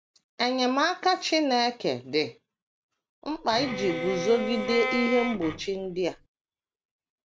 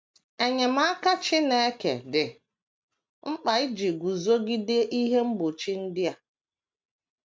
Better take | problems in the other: second | background sound (Bowed string instrument); 5 dB below the speech

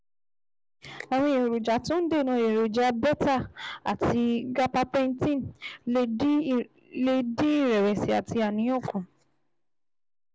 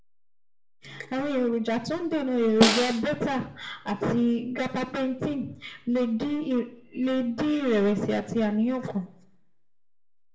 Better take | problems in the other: first | background sound (Snare drum); 1 dB above the speech // room echo; dies away in 0.4 s

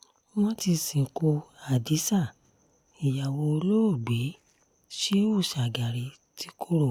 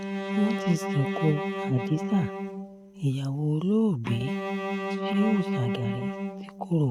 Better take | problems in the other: first | noise reduction (neural mask model RNNoise)

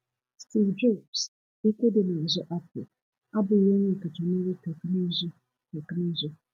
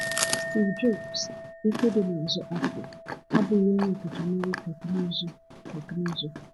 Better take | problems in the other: first | background sound (Chewing, mastication + Chink, clink); 6 dB below the speech

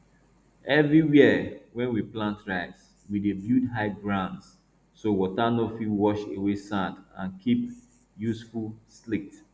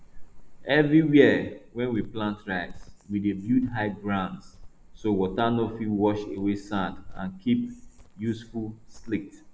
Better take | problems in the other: first | background sound (Cricket); 17 dB below the speech

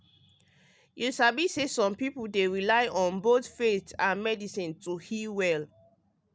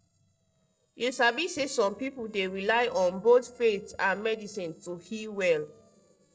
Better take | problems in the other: first | noise reduction (neural separator model SepFormer DNS4)

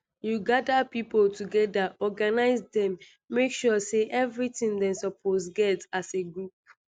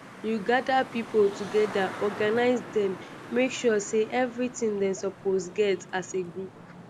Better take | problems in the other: first | background sound (Traffic noise, roadway noise); 15 dB below the speech

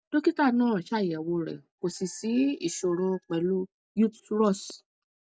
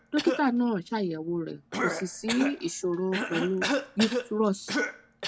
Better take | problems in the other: first | background sound (Cough); 4 dB below the speech

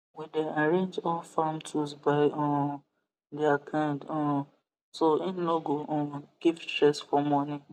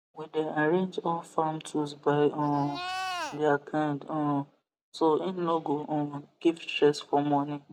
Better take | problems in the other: first | background sound (Livestock, farm animals, working animals); 7 dB below the speech

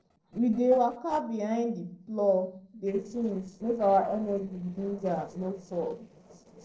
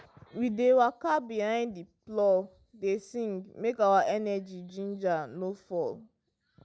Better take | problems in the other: second | noise reduction (neural separator model SepFormer DNS4)

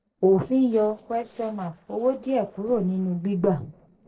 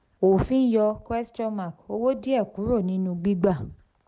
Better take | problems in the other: second | noise reduction (neural separator model SepFormer DNS4)

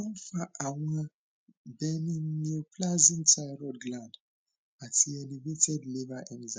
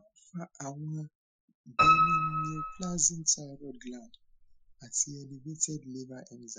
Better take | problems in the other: first | noise reduction (classical method Wiener filter)

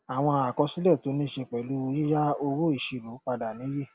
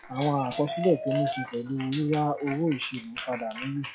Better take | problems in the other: first | noise reduction (classical method log-MMSE)

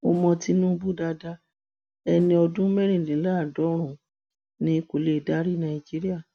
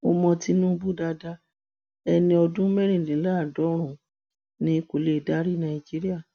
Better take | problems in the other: second | background sound (Snare drum); 20 dB below the speech

